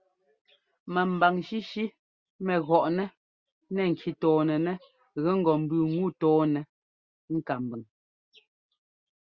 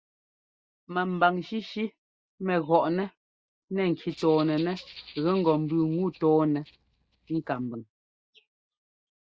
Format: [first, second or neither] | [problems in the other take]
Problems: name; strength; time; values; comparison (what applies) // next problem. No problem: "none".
first | noise reduction (neural mask model DeepFilterNet 3)